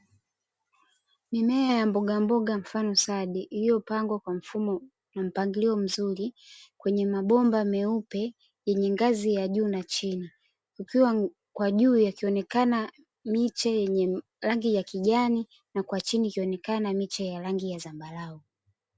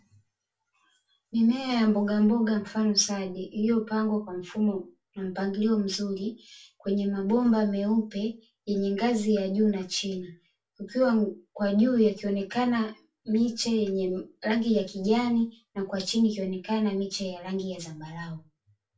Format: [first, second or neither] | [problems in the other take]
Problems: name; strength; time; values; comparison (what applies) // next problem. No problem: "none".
first | room echo; dies away in 0.2 s